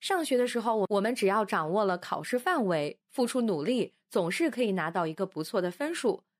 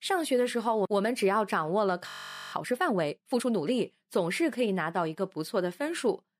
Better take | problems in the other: first | audio freezing; at 2 s

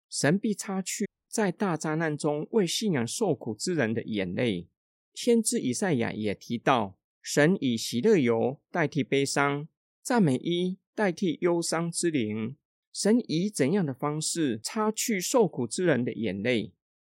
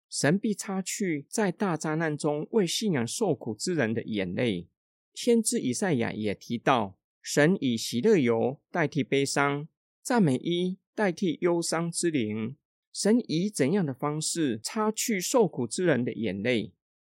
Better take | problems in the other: second | audio cutting out; at 1 s

